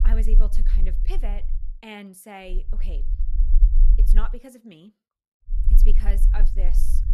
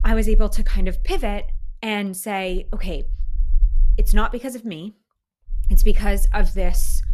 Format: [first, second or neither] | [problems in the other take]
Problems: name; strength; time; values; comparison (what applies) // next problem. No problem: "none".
second | low rumble; loud; until 1.5 s, from 2.5 to 4 s and from 5.5 s on; 8 dB below the speech; faint in the second